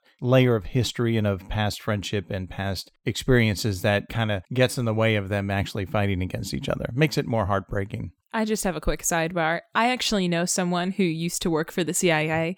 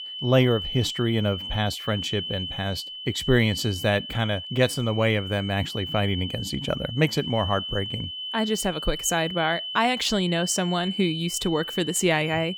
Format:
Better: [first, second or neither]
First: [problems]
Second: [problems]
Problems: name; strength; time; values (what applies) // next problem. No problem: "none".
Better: first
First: none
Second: high-pitched whine; loud; throughout; 3 kHz, 7 dB below the speech